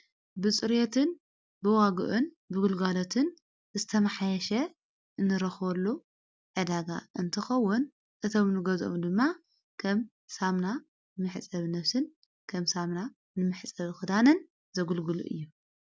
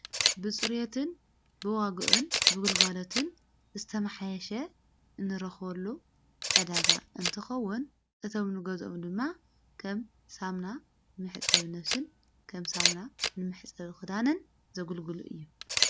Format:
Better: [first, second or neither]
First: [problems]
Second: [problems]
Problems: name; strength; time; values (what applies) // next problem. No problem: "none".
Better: first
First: none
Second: background sound (Camera); 2 dB above the speech